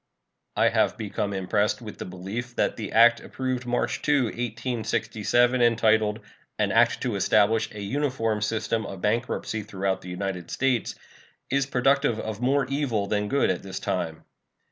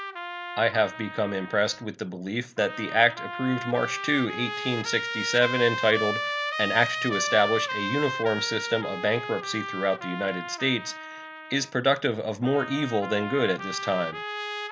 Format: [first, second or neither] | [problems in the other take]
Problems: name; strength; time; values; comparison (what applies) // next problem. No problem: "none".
first | background sound (Trumpet); 7 dB below the speech